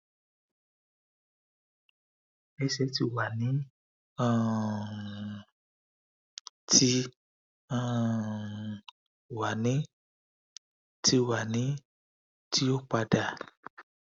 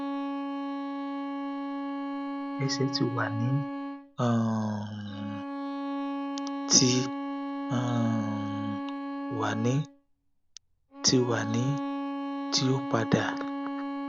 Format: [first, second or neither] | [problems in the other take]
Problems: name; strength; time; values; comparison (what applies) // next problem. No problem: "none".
first | background sound (Bowed string instrument); 3 dB below the speech